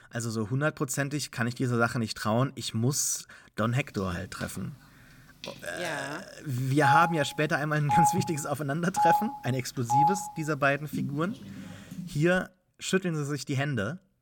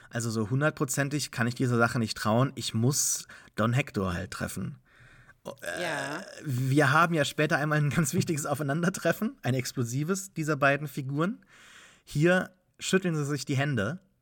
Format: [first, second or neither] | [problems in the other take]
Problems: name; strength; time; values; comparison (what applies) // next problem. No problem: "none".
second | phone ringing; loud; from 5.5 to 12 s; peak 4 dB above the speech